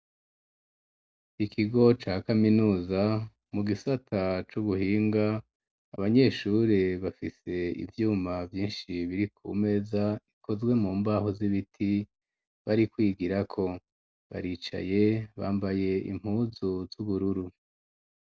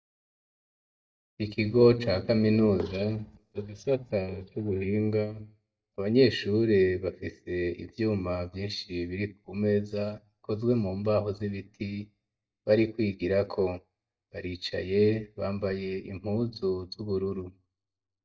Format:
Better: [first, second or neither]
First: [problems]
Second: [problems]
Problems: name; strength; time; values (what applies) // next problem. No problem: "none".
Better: first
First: none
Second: noise reduction (neural mask model DeepFilterNet 3)